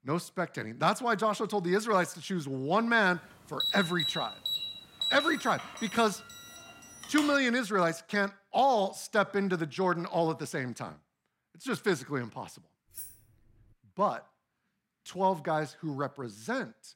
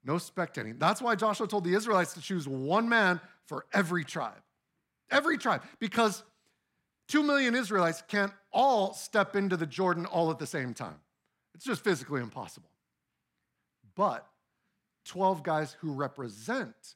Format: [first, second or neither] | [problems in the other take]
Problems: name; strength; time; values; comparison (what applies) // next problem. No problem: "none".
second | alarm; noticeable; from 3.5 to 7.5 s; peak level with the speech // jangling keys; faint; at 13 s; peak 15 dB below the speech